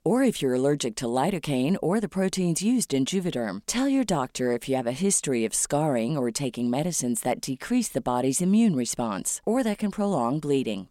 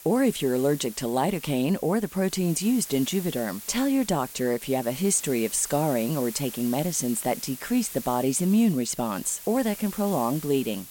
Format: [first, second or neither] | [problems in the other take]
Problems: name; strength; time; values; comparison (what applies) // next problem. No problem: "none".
first | hiss; noticeable; throughout; 15 dB below the speech